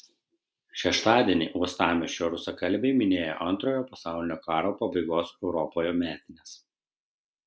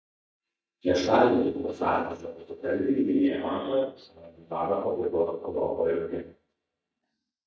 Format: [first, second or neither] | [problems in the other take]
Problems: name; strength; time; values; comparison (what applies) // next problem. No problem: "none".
first | noise reduction (neural mask model DeepFilterNet 3)